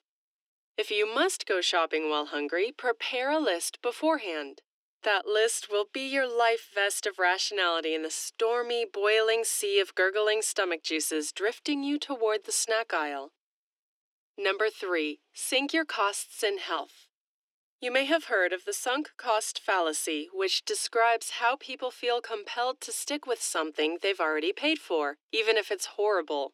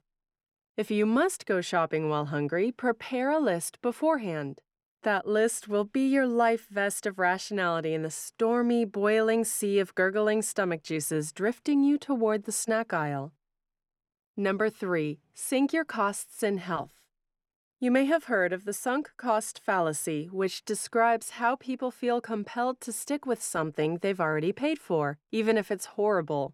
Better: second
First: thin; somewhat; fading below 300 Hz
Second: none

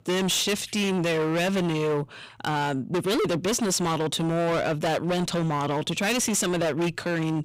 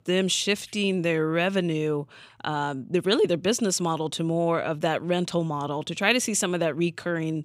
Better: second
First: distortion; heavy; 30% of the sound clipped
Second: none

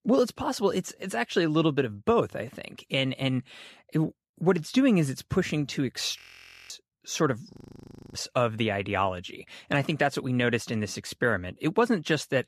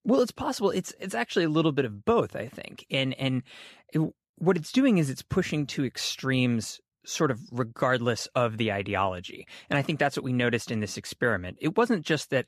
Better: second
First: audio freezing; at 6 s for 0.5 s and at 7.5 s for 0.5 s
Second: none

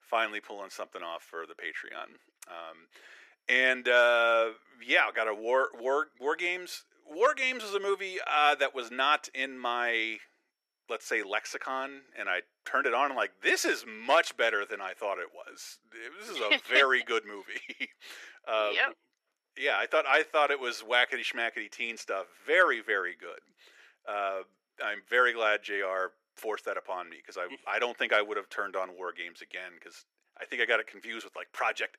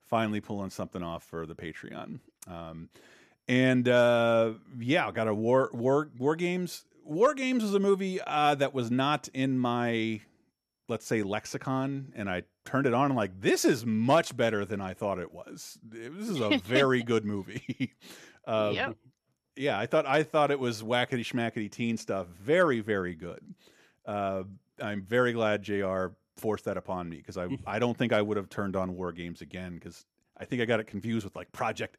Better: second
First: thin; very; fading below 400 Hz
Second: none

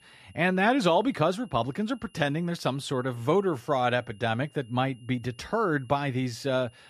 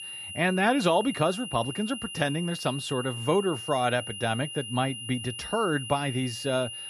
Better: first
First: high-pitched whine; faint; throughout; 3 kHz, 30 dB below the speech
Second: high-pitched whine; loud; throughout; 3 kHz, 8 dB below the speech

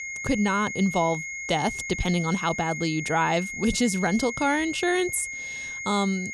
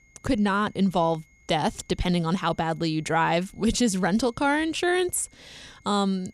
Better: second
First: high-pitched whine; loud; throughout; 2 kHz, 6 dB below the speech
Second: high-pitched whine; faint; throughout; 2 kHz, 35 dB below the speech

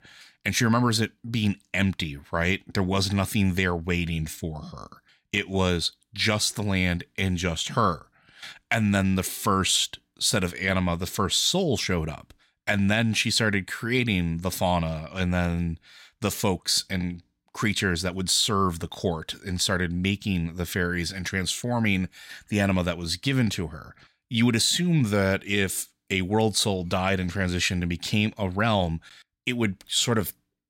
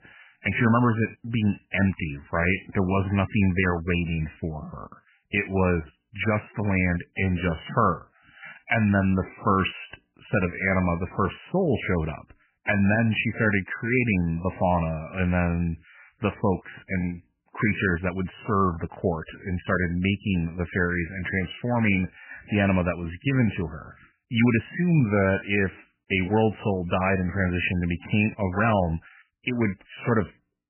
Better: first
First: none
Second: garbled, watery; badly; nothing above 3 kHz

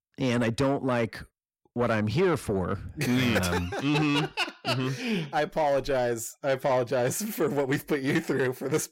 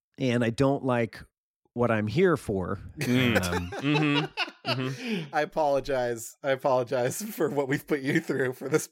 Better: second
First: distortion; slight; 10 dB below the speech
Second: none

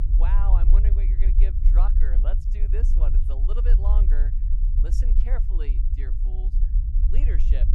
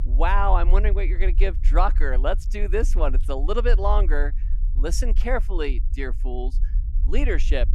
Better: second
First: low rumble; loud; throughout; 4 dB below the speech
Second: low rumble; faint; throughout; 20 dB below the speech

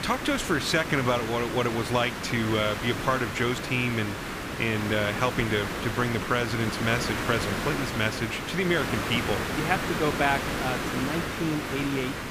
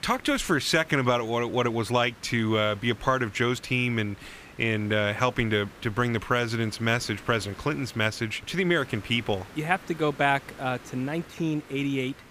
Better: second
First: hiss; loud; throughout; 3 dB below the speech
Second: hiss; faint; throughout; 20 dB below the speech

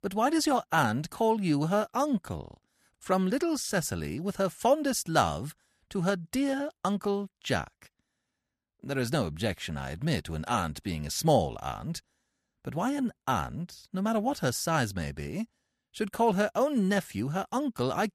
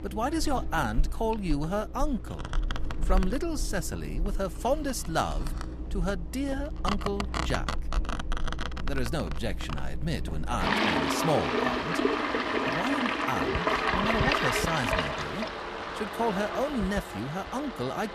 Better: first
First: none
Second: household noises; very loud; throughout; 1 dB above the speech

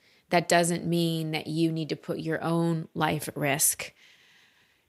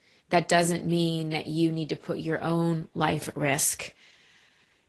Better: first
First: none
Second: garbled, watery; slightly; nothing above 15.5 kHz

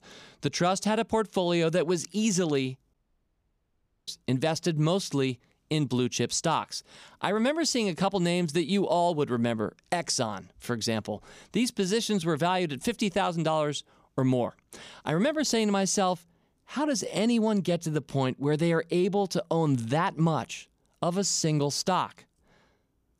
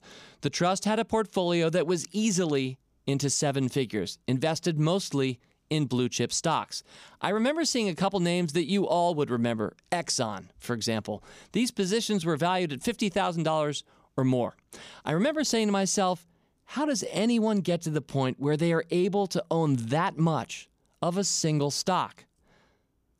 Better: second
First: audio cutting out; at 3 s for 1 s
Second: none

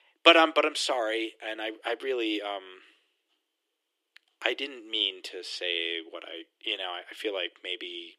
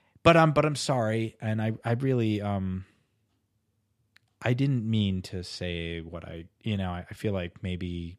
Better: second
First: thin; very; fading below 300 Hz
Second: none

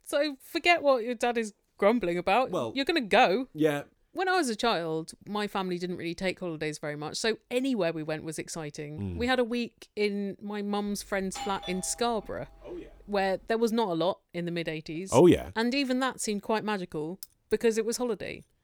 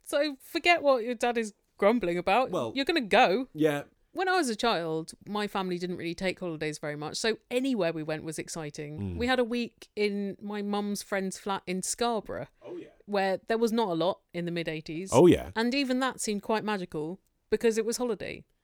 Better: second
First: doorbell; noticeable; from 11 to 13 s; peak 10 dB below the speech // jangling keys; faint; at 17 s; peak 15 dB below the speech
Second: none

